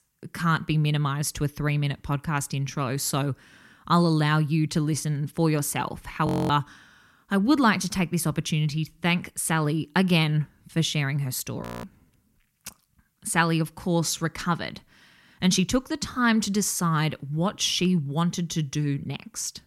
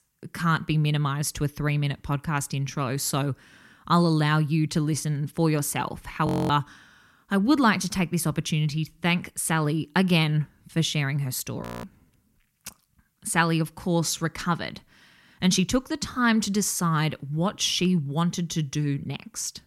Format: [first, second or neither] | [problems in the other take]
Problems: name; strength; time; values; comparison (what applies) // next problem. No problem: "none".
neither | audio freezing; at 6.5 s and at 12 s; the same in both